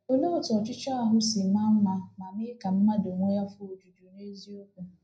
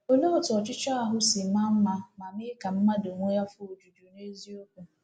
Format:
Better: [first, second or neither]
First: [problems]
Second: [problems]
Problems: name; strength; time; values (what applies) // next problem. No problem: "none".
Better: second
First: room echo; dies away in 0.4 s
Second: none